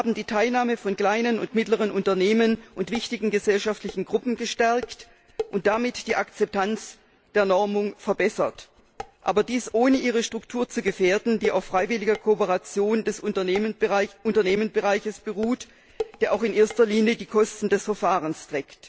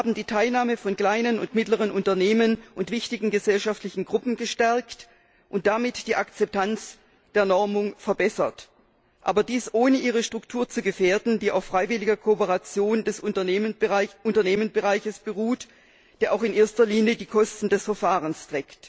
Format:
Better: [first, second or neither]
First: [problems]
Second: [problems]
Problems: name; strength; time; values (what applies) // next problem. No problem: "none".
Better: second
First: background sound (Dishes, pots, and pans); 17 dB below the speech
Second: none